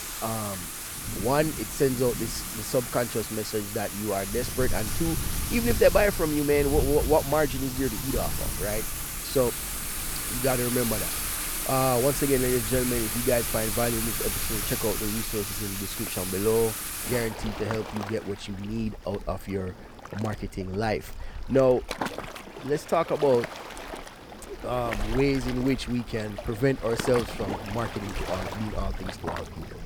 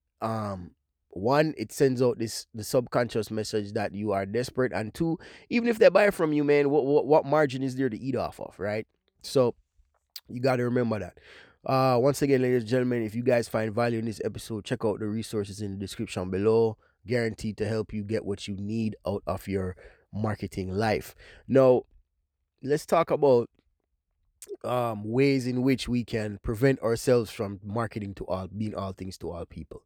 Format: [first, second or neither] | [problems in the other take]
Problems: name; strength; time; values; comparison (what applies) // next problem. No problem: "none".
second | rain or running water; loud; throughout; 3 dB below the speech